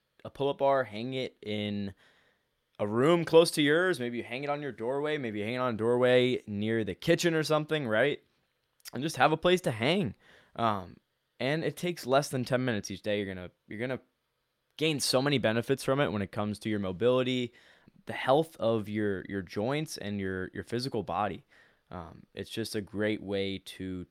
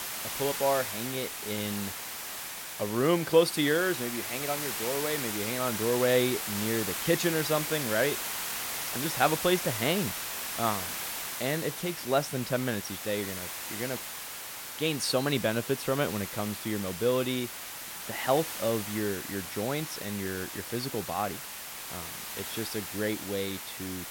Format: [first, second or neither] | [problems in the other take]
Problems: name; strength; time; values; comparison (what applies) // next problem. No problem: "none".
first | hiss; loud; throughout; 4 dB below the speech